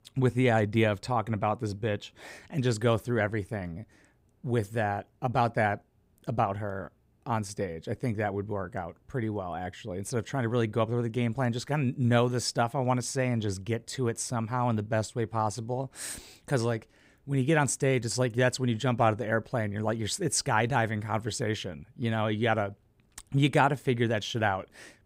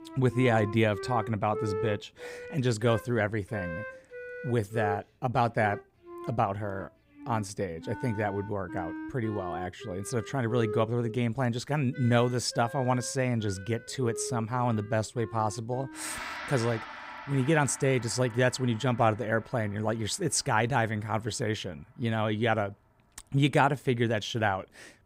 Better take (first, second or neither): first